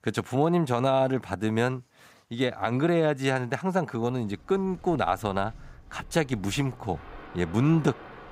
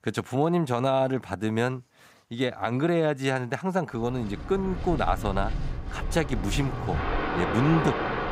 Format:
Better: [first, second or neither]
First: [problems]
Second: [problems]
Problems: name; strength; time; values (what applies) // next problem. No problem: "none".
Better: first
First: rain or running water; faint; from 4 s on; 20 dB below the speech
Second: rain or running water; loud; from 4 s on; 4 dB below the speech